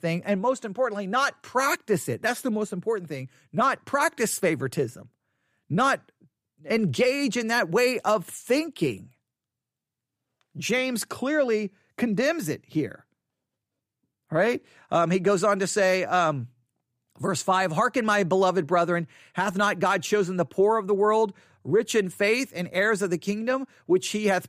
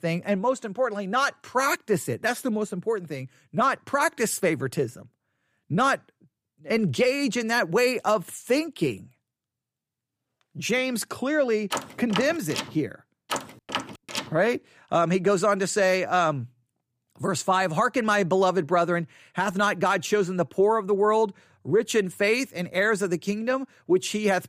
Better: first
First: none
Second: door banging; noticeable; from 12 to 14 s; peak 7 dB below the speech

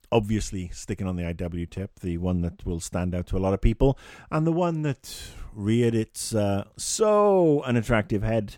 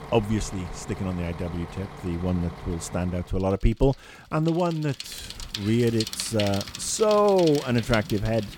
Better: first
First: none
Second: traffic noise; noticeable; throughout; 10 dB below the speech

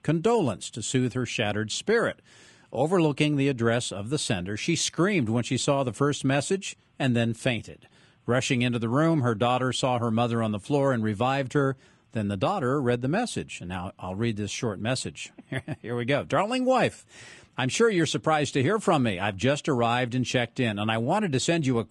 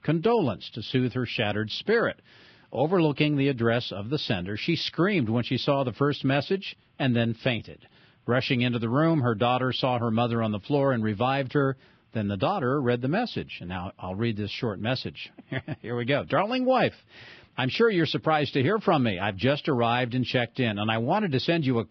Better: first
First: garbled, watery; slightly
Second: garbled, watery; badly; nothing above 5 kHz

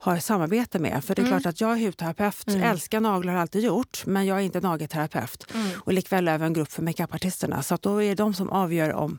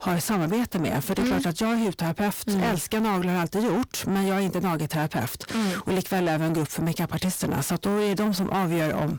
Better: first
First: none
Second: distortion; heavy; 8 dB below the speech

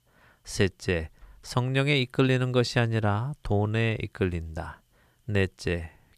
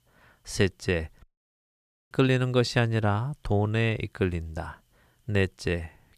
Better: first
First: none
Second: audio cutting out; at 1 s for 1 s

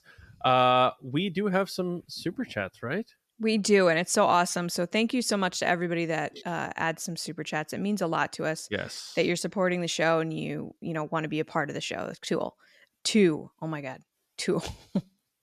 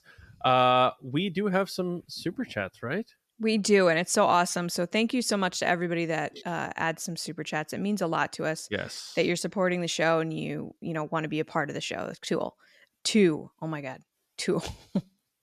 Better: neither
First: none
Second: none

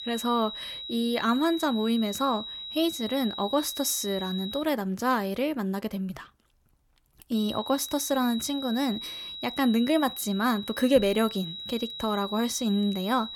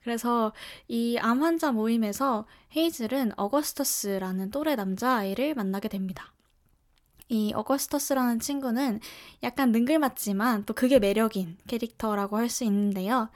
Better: second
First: high-pitched whine; loud; until 4.5 s and from 7.5 s on; 4 kHz, 9 dB below the speech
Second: none

